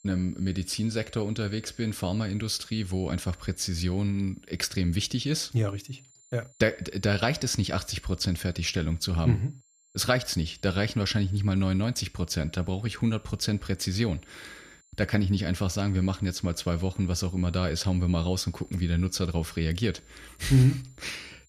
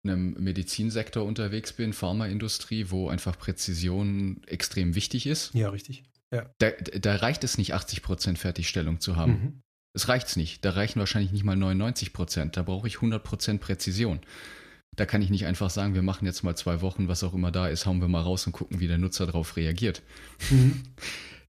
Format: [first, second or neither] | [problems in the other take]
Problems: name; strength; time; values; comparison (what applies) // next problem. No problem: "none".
second | high-pitched whine; faint; throughout; 7 kHz, 30 dB below the speech